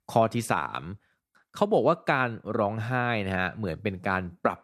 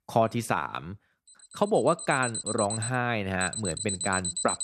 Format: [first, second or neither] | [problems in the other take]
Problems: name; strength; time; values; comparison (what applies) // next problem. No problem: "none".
first | alarms or sirens; loud; throughout; 4 dB below the speech